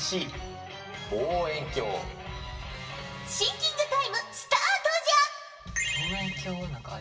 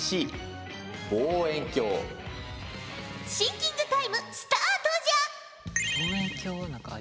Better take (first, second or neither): second